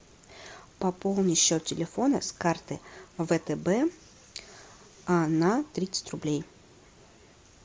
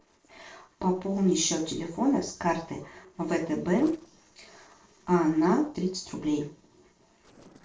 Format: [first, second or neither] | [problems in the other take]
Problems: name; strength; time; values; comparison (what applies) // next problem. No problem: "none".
first | noise reduction (neural separator model SepFormer DNS4)